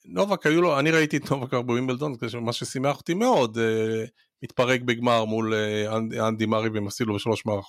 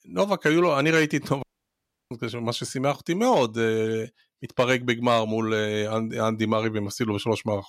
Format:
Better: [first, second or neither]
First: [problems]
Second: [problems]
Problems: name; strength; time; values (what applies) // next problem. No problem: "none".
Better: first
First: none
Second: audio cutting out; at 1.5 s for 0.5 s